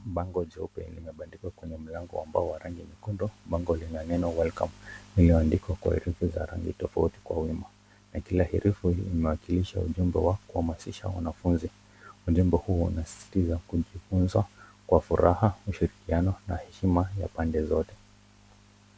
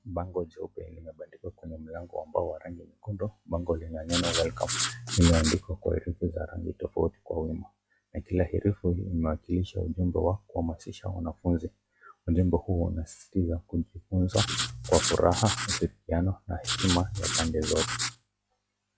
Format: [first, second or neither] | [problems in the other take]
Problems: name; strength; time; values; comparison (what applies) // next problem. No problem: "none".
first | noise reduction (classical method log-MMSE)